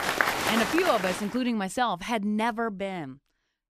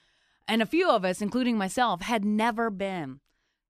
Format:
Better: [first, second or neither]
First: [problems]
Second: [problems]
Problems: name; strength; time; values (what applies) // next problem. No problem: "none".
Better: second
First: crowd noise; very loud; at the start; as loud as the speech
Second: none